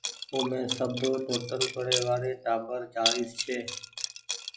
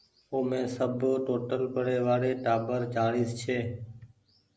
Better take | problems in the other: second | noise reduction (classical method log-MMSE)

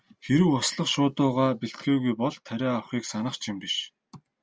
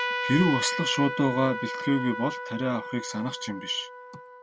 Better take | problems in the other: first | background sound (Trumpet); 6 dB below the speech

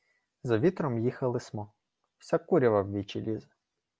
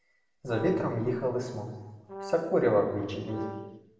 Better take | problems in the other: first | background sound (Brass instrument); 13 dB below the speech // room echo; dies away in 1.2 s

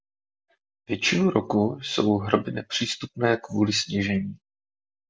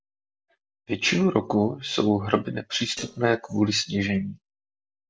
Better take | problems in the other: first | noise reduction (neural separator model SepFormer DNS4)

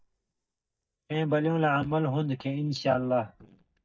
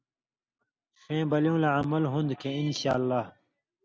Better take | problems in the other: second | noise reduction (neural mask model DeepFilterNet 3)

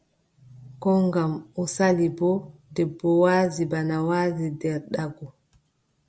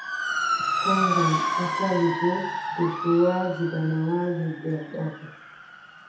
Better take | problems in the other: first | background sound (Motor vehicle (road) / Siren); 2 dB below the speech // room echo; dies away in 0.6 s

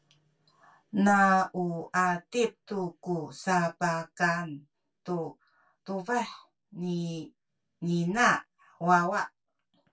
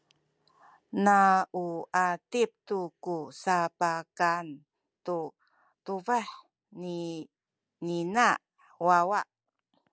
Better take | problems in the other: second | room echo; dies away in 0.1 s

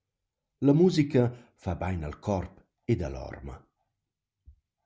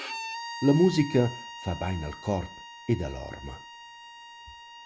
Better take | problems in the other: first | background sound (Bowed string instrument); 12 dB below the speech

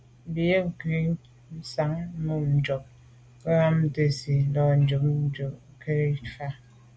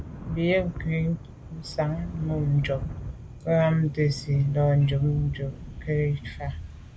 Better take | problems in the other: first | background sound (Thunder / Rain); 11 dB below the speech

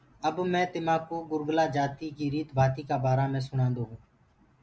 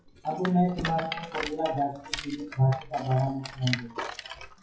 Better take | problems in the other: first | noise reduction (classical method WPE with log-MMSE)

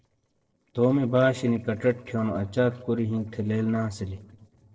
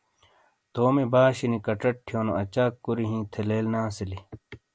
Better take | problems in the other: second | noise reduction (neural separator model SepFormer DNS4)

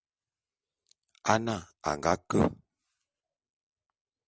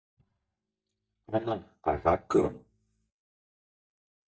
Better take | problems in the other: first | noise reduction (neural mask model DeepFilterNet 3)

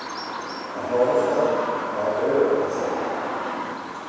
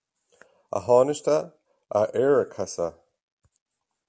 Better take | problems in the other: second | background sound (Bird vocalization, bird call, bird song); 4 dB below the speech // room echo; dies away in 2.2 s

